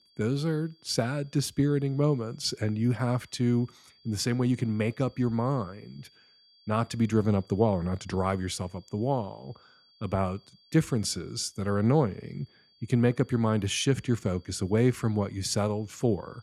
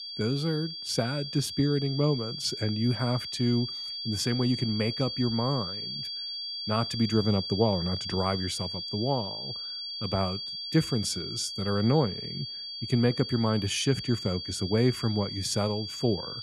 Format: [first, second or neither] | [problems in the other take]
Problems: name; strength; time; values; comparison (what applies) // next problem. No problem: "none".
first | high-pitched whine; loud; throughout; 4.5 kHz, 5 dB below the speech; faint in the first